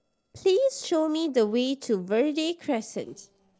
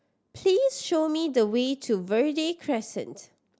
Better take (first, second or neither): second